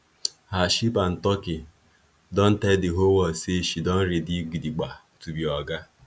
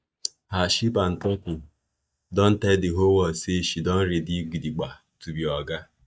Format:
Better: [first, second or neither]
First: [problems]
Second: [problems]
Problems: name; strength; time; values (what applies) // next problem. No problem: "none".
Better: first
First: none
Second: noise reduction (neural mask model DeepFilterNet 3)